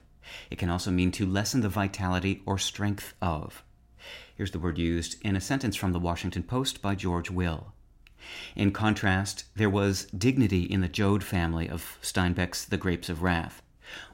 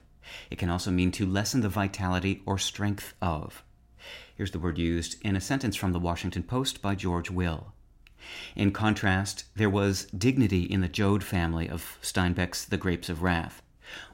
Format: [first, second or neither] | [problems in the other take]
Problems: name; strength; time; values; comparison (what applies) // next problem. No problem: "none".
neither | none